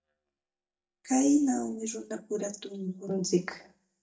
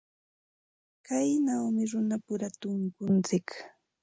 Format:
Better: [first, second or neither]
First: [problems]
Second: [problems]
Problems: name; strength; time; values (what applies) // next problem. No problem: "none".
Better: second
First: noise reduction (neural mask model DeepFilterNet 3)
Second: none